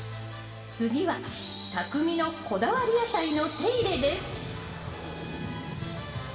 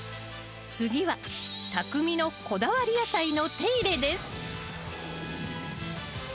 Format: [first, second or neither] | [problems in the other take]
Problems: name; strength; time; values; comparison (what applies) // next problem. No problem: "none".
second | room echo; dies away in 1.9 s